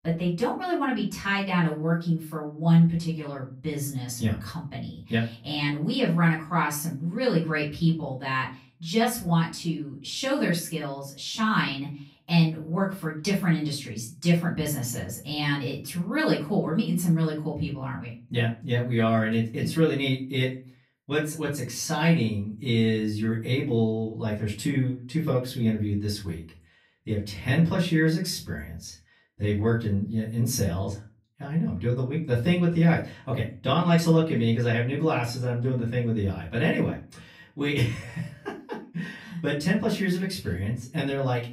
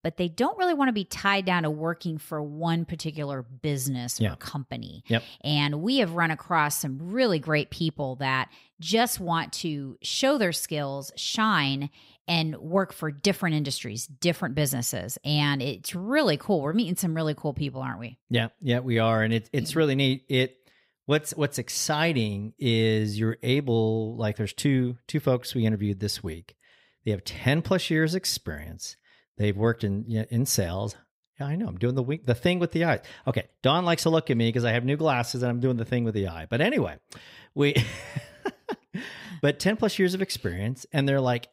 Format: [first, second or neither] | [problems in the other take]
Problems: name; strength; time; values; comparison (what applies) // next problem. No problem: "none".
second | off-mic speech; far // room echo; slight; dies away in 0.3 s